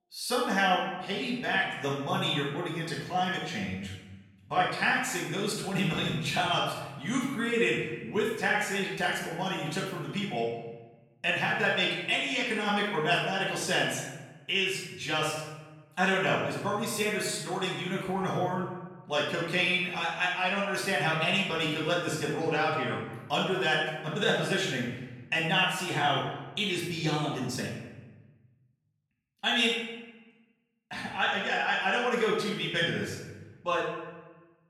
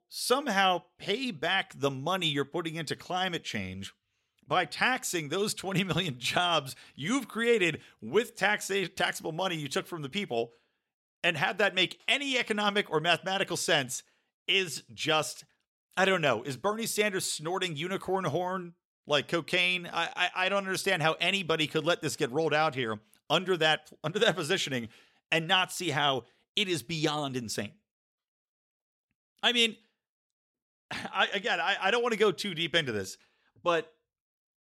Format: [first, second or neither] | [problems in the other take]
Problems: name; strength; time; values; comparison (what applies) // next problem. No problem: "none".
second | off-mic speech; far // room echo; noticeable; dies away in 1.1 s